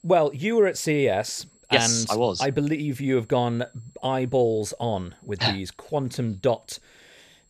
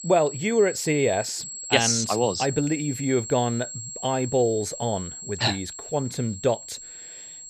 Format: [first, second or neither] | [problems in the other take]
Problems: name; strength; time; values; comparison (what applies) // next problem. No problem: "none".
first | high-pitched whine; loud; throughout; 7.5 kHz, 10 dB below the speech; faint in the first